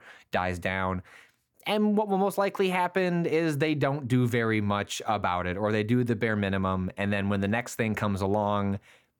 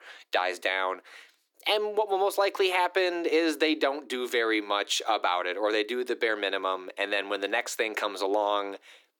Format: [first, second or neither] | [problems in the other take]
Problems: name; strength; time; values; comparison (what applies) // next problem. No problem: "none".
first | thin; very; fading below 300 Hz